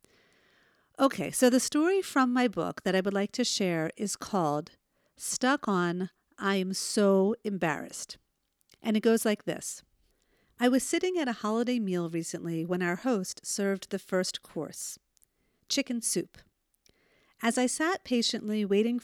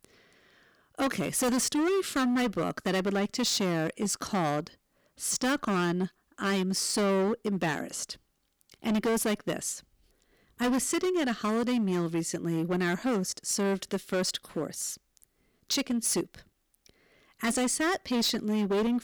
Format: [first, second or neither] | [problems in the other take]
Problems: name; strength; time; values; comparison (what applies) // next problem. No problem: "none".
first | distortion; heavy; 15% of the sound clipped